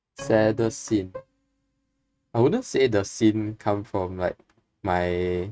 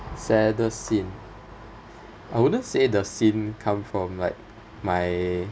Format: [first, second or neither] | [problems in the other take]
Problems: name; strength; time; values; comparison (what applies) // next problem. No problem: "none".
second | noise reduction (neural mask model RNNoise)